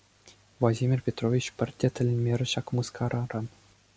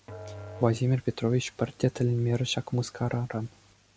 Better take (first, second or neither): first